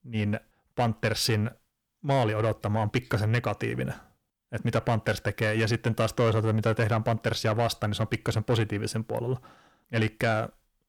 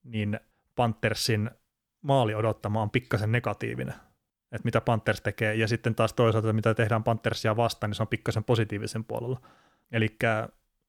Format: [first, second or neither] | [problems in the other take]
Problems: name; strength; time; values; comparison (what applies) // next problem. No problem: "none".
second | distortion; slight; 10 dB below the speech